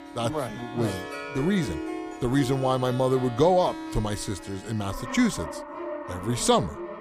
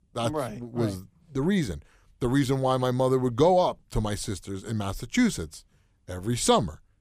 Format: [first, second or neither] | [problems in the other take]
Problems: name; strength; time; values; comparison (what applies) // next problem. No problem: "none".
second | background music; noticeable; throughout; 10 dB below the speech